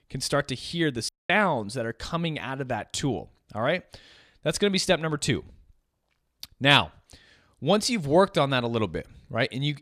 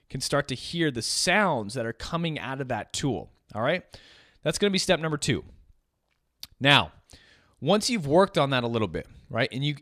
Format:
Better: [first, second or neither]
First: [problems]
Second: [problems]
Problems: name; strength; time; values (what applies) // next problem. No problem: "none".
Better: second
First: audio cutting out; at 1 s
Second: none